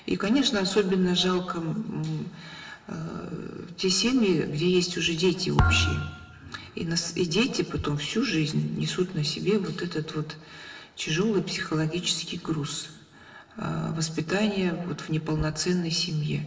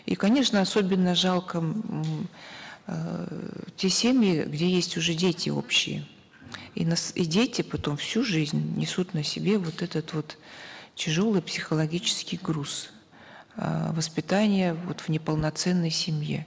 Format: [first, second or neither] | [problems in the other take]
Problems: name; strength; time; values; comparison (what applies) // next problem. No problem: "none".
second | background sound (Thump, thud); 1 dB below the speech // room echo; dies away in 1 s